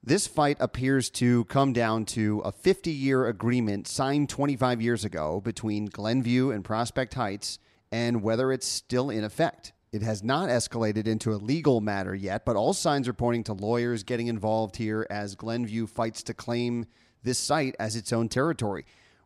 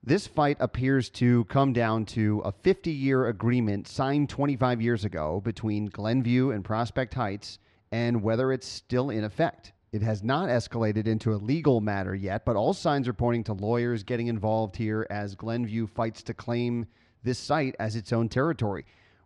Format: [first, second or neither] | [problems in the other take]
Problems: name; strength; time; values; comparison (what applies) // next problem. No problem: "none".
first | muffled; very slightly; fading above 3.5 kHz